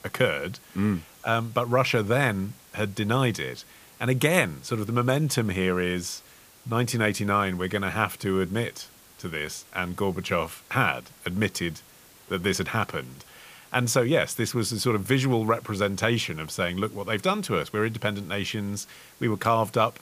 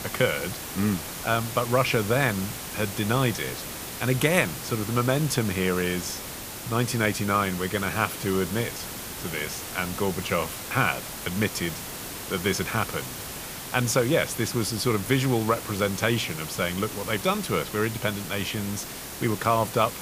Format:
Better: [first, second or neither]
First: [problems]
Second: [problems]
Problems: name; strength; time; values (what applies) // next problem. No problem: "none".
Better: first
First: hiss; faint; throughout; 25 dB below the speech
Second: hiss; loud; throughout; 8 dB below the speech